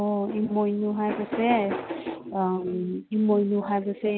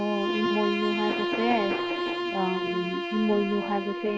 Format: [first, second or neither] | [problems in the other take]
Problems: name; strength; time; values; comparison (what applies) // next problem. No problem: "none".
first | background sound (Bowed string instrument); 2 dB below the speech